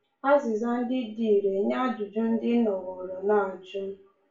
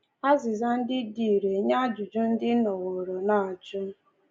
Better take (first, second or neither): second